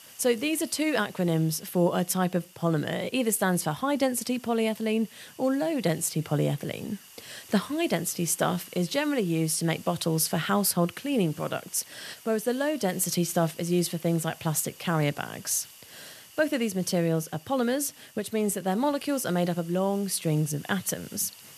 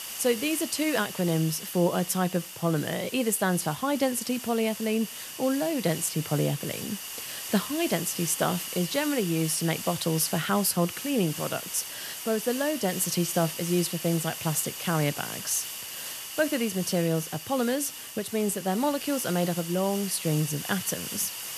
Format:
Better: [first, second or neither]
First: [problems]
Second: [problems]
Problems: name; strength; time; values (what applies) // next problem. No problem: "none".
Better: first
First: hiss; faint; throughout; 20 dB below the speech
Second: hiss; loud; throughout; 7 dB below the speech